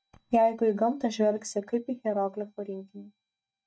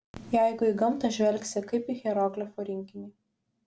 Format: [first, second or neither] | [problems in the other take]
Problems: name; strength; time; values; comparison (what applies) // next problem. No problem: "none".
second | noise reduction (neural mask model DeepFilterNet 3)